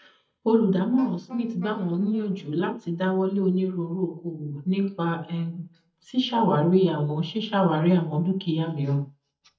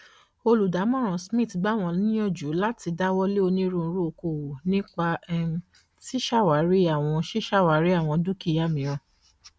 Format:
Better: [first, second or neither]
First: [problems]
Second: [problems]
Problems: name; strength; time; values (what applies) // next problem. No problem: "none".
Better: second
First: noise reduction (neural mask model DeepFilterNet 3)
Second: none